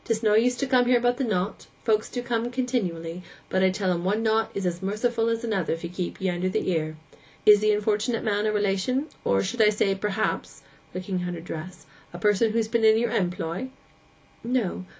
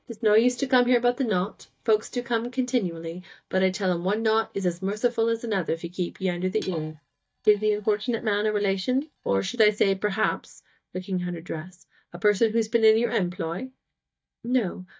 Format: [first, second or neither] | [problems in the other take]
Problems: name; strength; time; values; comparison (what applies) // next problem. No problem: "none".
first | noise reduction (neural mask model DeepFilterNet 3)